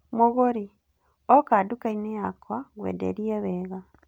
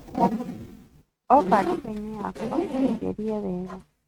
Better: first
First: none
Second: noise reduction (neural mask model RNNoise)

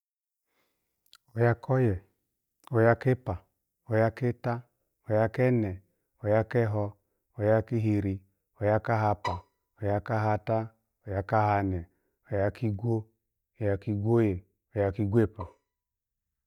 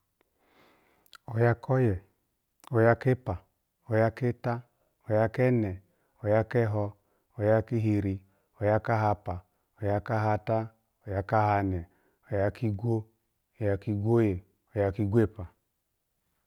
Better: second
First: noise reduction (neural mask model DeepFilterNet 3)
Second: none

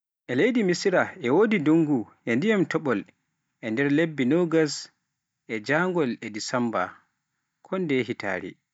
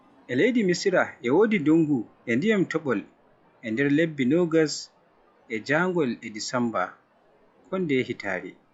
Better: first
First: none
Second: noise reduction (classical method log-MMSE)

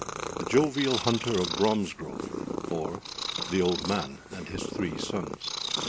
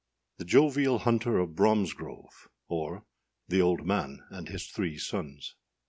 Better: second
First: background sound (Purr); 5 dB below the speech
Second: none

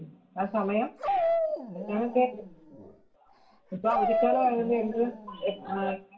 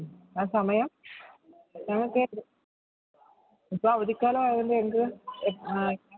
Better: second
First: background sound (Dog); 2 dB below the speech // room echo; dies away in 0.3 s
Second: none

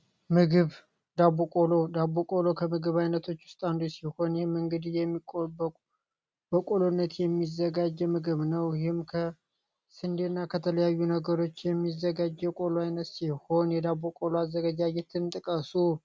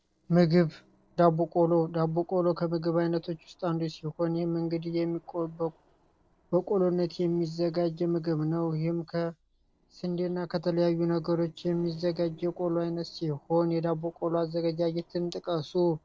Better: first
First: none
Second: noise reduction (neural separator model SepFormer DNS4)

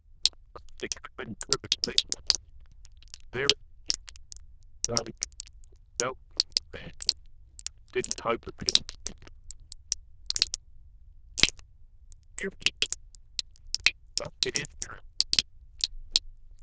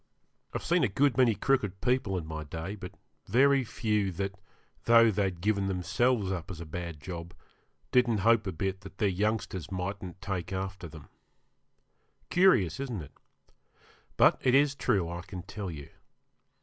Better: second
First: noise reduction (neural diffusion model UNIVERSE++)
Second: none

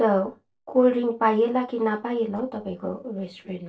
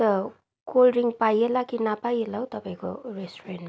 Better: second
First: noise reduction (neural separator model SepFormer DNS4)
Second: none

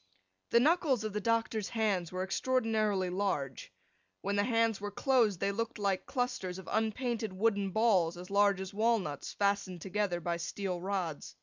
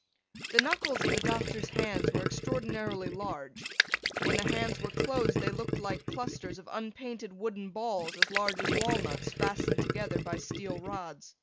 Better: first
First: none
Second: background sound (Gurgling); 5 dB above the speech

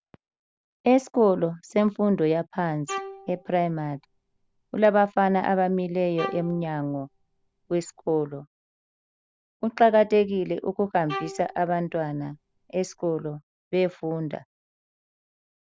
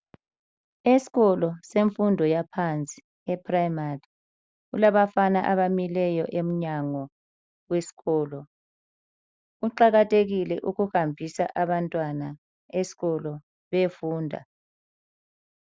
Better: second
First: background sound (Bowed string instrument); 15 dB below the speech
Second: none

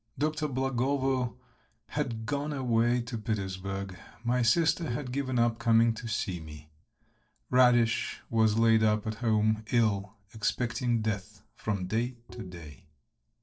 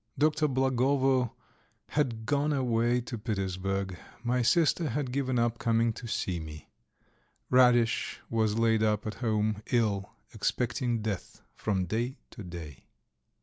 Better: second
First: noise reduction (neural separator model SepFormer DNS4)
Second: none

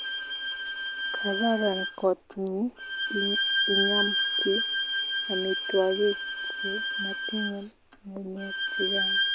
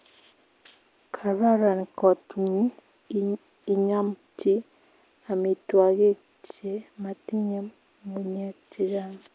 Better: second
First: background sound (Bowed string instrument); 2 dB above the speech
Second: none

